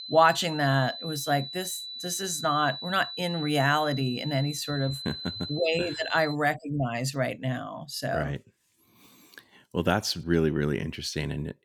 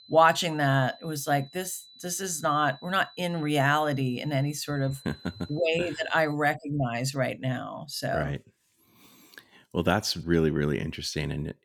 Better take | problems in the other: second | high-pitched whine; loud; until 6.5 s; 4 kHz, 8 dB below the speech; faint in the second

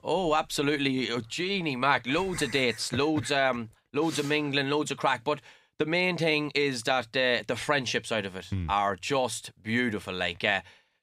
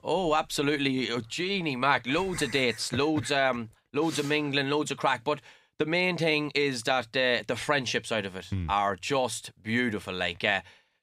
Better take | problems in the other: neither | none

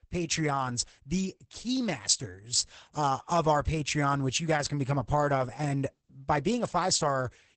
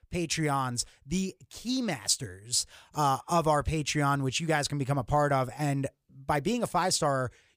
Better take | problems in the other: second | garbled, watery; badly; nothing above 8 kHz

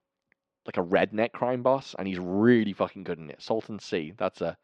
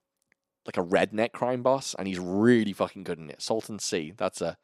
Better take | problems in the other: second | muffled; slightly; fading above 3.5 kHz

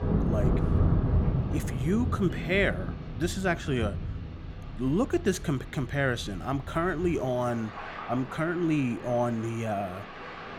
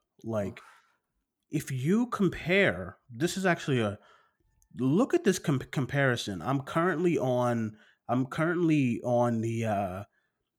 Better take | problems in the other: second | rain or running water; loud; throughout; 3 dB below the speech

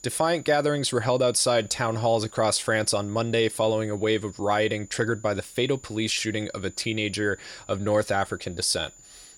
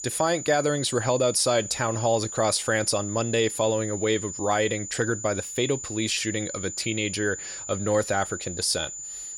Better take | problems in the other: first | high-pitched whine; loud; throughout; 7 kHz, 8 dB below the speech; faint in the first

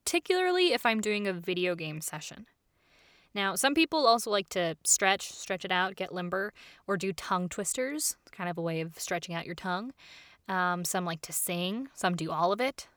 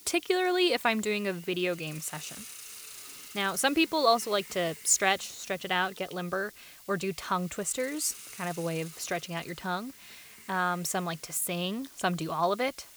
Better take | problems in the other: first | hiss; noticeable; throughout; 15 dB below the speech

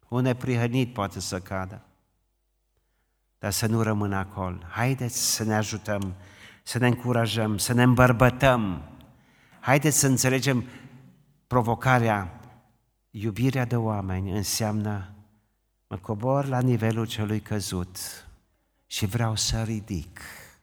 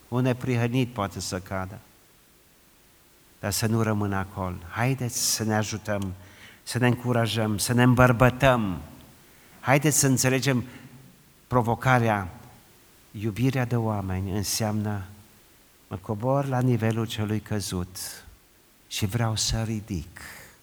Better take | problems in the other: first | hiss; faint; throughout; 30 dB below the speech

